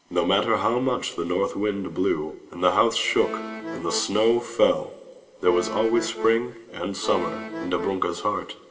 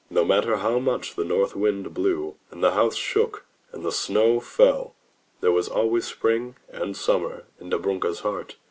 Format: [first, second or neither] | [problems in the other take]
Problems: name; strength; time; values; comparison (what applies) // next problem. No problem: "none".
second | background sound (Accordion); 9 dB below the speech // room echo; dies away in 1.4 s